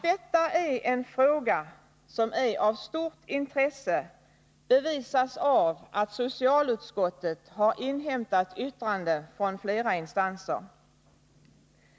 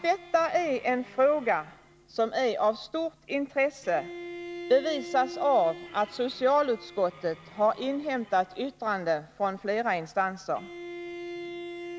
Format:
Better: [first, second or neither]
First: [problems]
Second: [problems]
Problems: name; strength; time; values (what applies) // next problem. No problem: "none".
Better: first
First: none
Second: background sound (Bowed string instrument); 15 dB below the speech